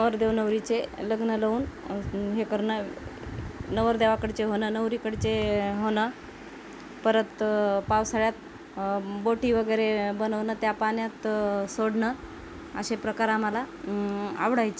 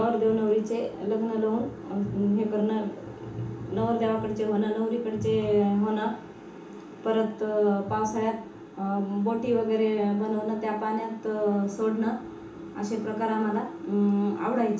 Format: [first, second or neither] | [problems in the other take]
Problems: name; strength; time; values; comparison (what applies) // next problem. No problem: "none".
first | room echo; dies away in 0.8 s